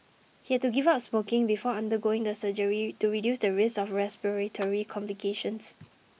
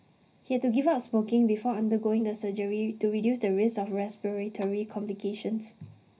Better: first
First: none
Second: room echo; dies away in 0.4 s

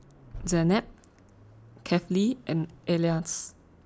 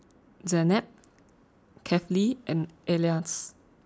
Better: second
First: background sound (Accelerating, revving, vroom); 19 dB below the speech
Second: none

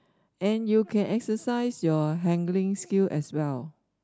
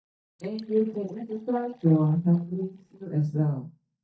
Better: first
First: none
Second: noise reduction (neural mask model DeepFilterNet 3)

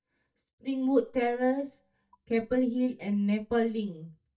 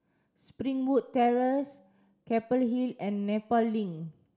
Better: second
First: noise reduction (neural mask model DeepFilterNet 3)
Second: none

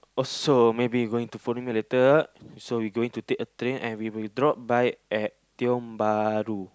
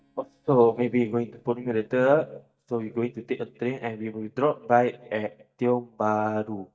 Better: first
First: none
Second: noise reduction (neural mask model DeepFilterNet 3)

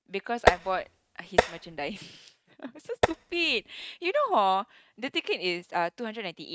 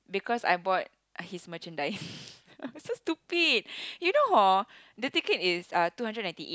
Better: second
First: noise reduction (neural mask model RNNoise)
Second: none

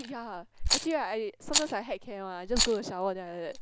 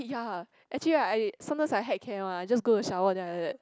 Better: second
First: background sound (Rattle); as loud as the speech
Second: none

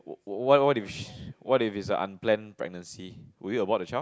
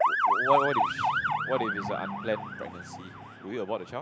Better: first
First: none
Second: background sound (Motor vehicle (road) / Siren); 4 dB above the speech

